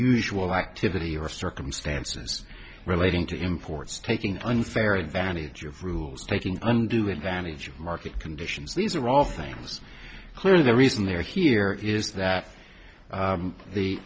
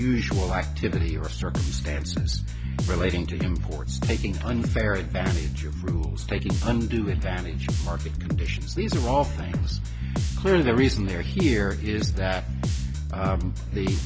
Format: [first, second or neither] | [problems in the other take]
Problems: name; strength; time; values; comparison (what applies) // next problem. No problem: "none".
first | background sound (Bass guitar); 1 dB above the speech